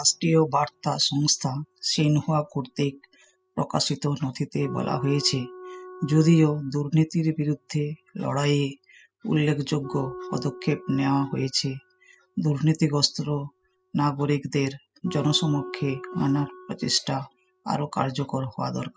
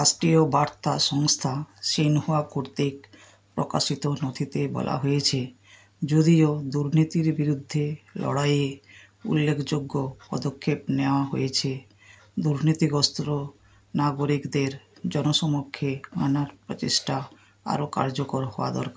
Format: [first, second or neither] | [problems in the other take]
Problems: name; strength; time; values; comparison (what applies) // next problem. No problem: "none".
second | noise reduction (classical method spectral subtraction)